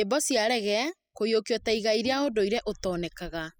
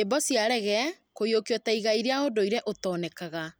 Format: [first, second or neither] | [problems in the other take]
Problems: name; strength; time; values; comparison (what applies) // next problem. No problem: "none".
second | noise reduction (classical method spectral subtraction)